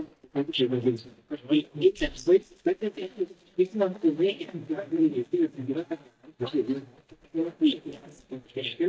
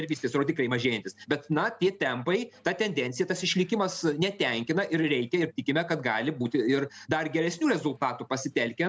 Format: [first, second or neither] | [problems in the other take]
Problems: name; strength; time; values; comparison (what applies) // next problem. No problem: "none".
second | noise reduction (neural mask model DeepFilterNet 3)